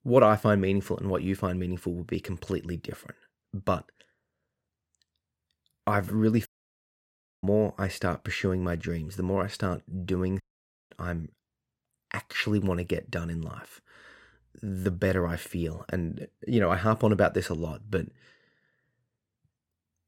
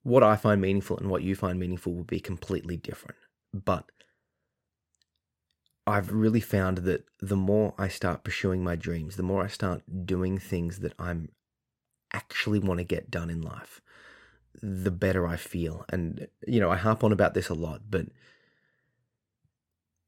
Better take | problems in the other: second | audio cutting out; at 6.5 s for 1 s and at 10 s for 0.5 s

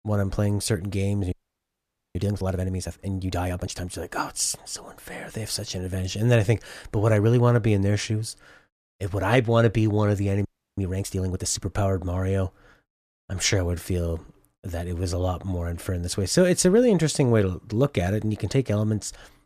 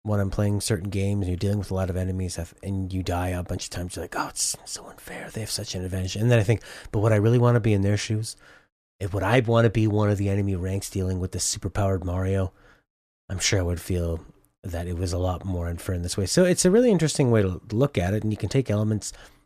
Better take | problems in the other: second | audio freezing; at 1.5 s for 1 s and at 10 s

